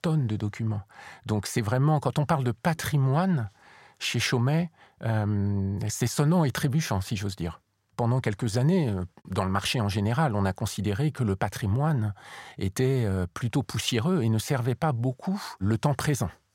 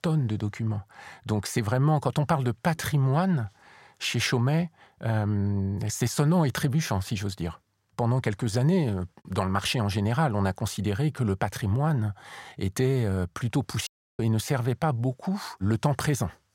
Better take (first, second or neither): first